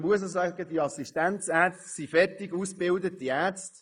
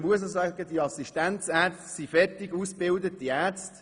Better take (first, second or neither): second